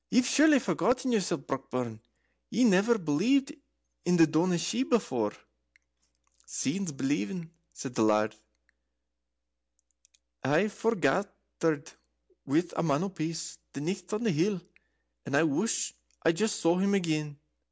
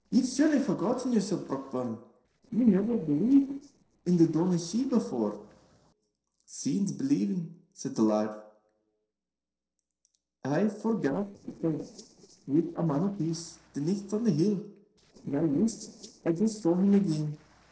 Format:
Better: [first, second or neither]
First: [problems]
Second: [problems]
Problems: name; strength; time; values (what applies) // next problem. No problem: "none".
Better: first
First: none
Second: noise reduction (neural separator model SepFormer DNS4)